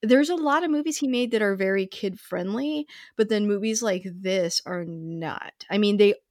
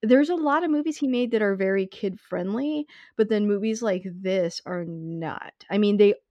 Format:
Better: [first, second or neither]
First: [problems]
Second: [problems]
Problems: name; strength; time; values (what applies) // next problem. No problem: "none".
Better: first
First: none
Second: muffled; slightly; fading above 2 kHz